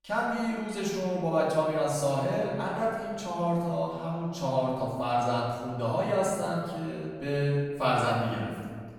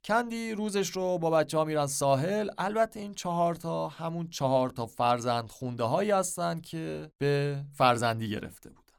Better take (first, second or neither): second